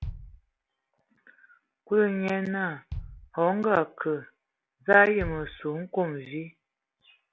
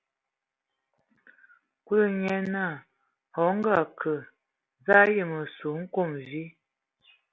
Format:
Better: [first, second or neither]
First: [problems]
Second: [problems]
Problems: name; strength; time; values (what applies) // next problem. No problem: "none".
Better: second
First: background sound (Bass drum); 16 dB below the speech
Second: none